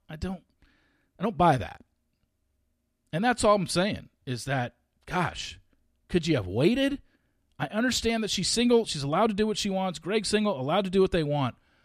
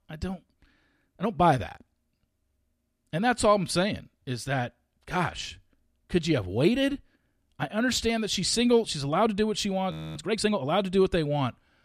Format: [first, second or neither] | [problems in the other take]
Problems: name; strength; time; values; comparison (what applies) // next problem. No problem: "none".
first | audio freezing; at 10 s